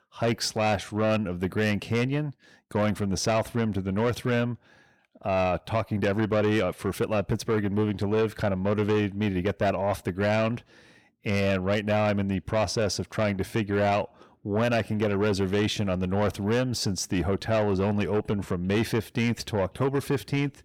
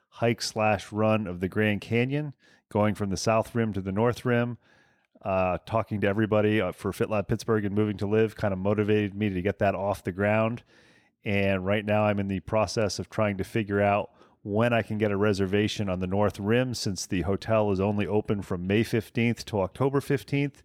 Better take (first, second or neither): second